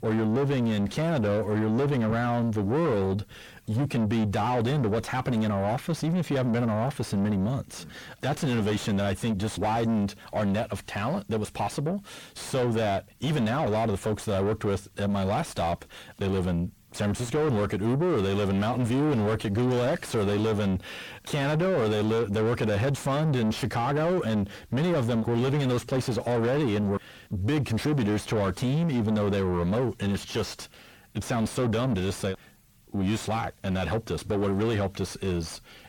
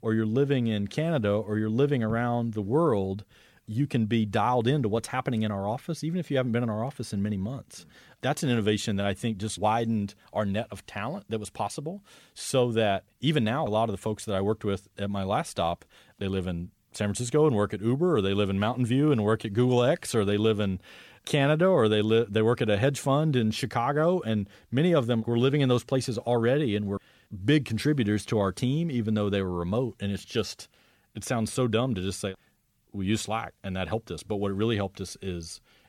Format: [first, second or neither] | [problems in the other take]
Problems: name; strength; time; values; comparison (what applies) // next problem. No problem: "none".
second | distortion; heavy; 6 dB below the speech